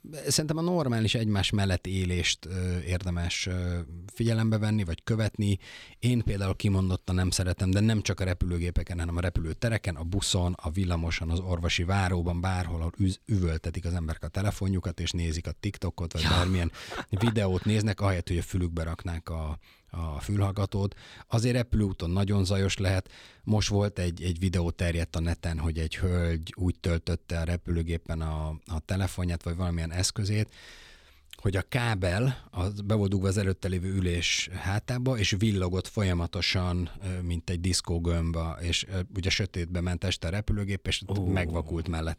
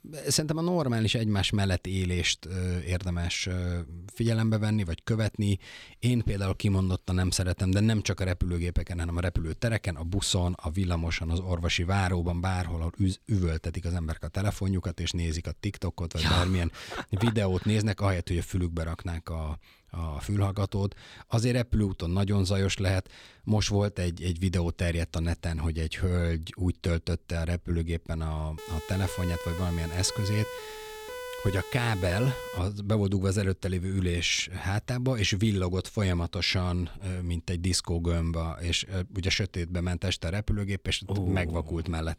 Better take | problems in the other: first | siren; noticeable; from 29 to 33 s; peak 9 dB below the speech

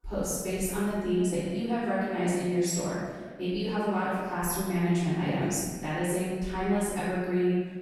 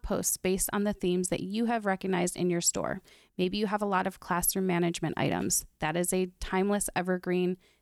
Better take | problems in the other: second | off-mic speech; far // room echo; strong; dies away in 1.4 s

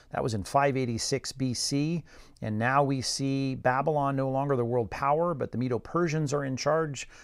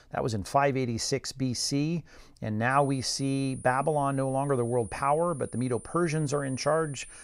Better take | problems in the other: first | high-pitched whine; noticeable; from 2.5 s on; 9 kHz, 20 dB below the speech

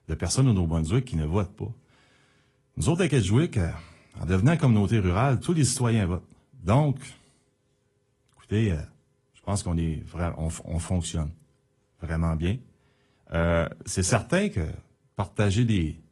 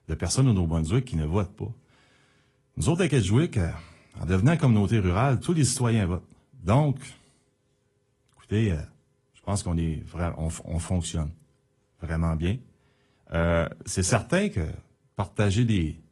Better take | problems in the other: neither | garbled, watery; slightly; nothing above 11 kHz; the same in both

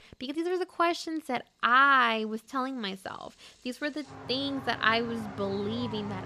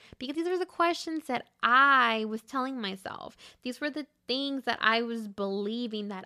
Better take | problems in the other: second | traffic noise; noticeable; throughout; 15 dB below the speech

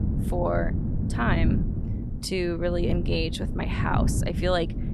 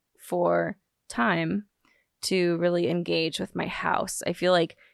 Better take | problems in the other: second | wind noise on the microphone; heavy; 9 dB below the speech

